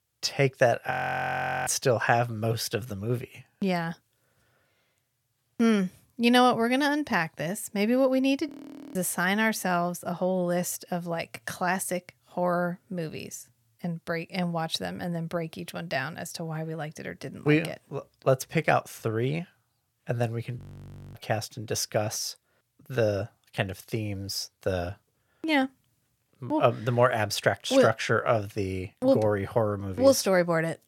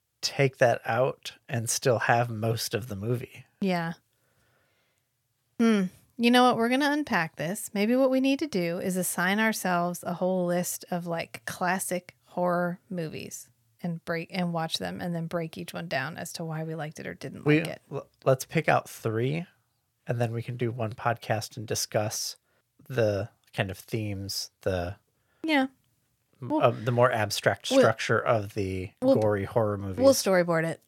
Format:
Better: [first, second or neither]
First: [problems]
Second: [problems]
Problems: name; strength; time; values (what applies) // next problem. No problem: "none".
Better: second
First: audio freezing; at 1 s for 1 s, at 8.5 s and at 21 s for 0.5 s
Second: none